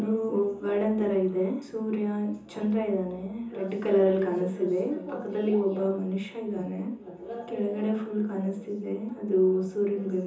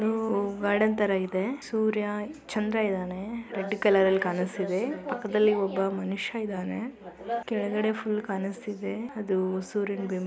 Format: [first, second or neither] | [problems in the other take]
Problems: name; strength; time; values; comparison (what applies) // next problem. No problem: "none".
second | room echo; dies away in 0.6 s